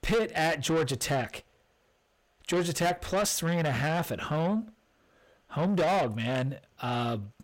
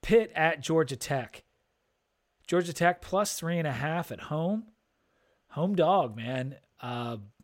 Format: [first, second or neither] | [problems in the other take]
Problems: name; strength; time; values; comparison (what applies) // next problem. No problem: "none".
second | distortion; heavy; 6 dB below the speech